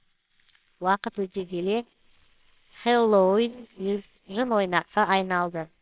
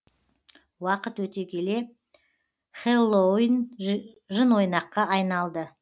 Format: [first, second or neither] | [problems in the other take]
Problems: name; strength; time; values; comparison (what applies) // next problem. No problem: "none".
second | noise reduction (neural separator model SepFormer WHAMR!)